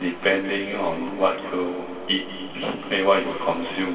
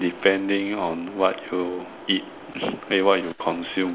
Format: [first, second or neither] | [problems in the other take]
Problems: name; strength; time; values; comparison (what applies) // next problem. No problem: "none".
second | room echo; dies away in 2.6 s